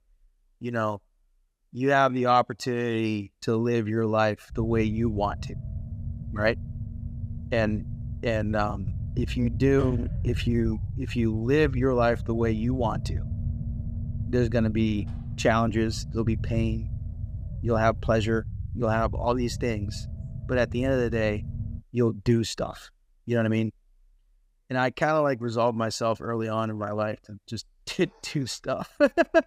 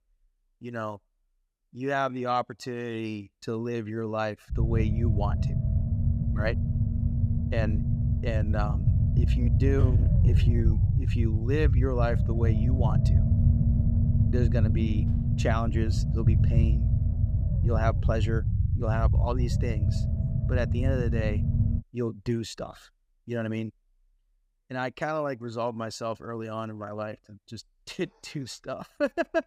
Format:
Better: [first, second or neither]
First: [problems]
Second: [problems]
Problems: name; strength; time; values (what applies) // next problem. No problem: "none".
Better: first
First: low rumble; faint; from 4.5 to 22 s; 20 dB below the speech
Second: low rumble; loud; from 4.5 to 22 s; 6 dB below the speech